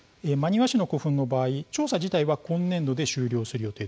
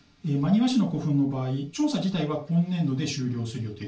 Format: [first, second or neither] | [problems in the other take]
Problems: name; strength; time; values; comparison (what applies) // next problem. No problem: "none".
first | room echo; dies away in 0.2 s